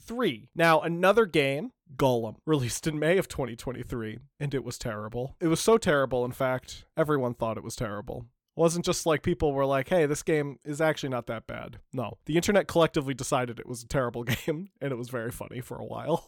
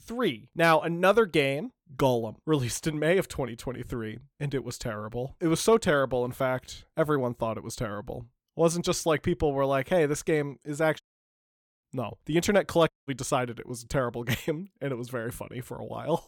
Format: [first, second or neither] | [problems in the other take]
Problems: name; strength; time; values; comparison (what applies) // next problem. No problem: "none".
first | audio cutting out; at 11 s for 1 s and at 13 s